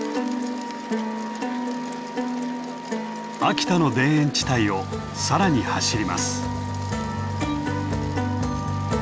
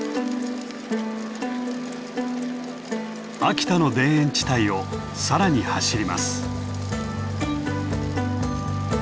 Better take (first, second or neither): second